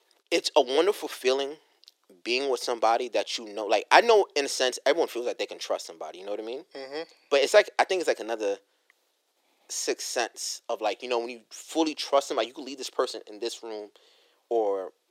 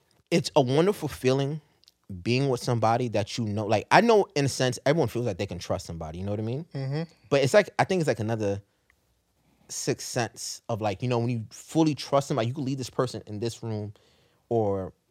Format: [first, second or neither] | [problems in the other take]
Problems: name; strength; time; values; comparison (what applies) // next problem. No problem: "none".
second | thin; very; fading below 350 Hz